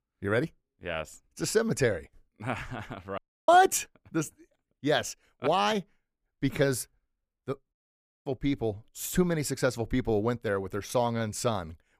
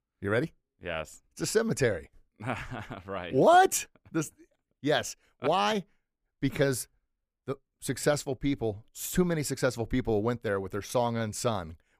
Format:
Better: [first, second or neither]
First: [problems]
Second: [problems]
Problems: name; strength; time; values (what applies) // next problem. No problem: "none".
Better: second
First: audio cutting out; at 3 s and at 7.5 s for 0.5 s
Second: none